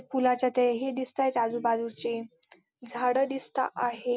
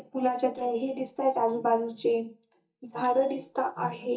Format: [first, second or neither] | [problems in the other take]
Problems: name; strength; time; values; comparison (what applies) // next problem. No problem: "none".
first | noise reduction (neural mask model DeepFilterNet 3)